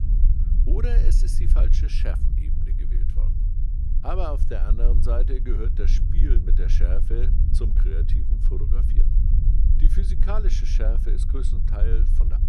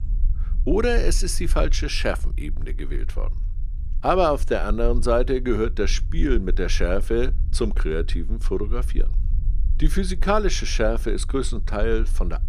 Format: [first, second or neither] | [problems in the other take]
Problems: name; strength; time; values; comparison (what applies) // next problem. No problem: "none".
second | low rumble; loud; throughout; 7 dB below the speech; faint in the second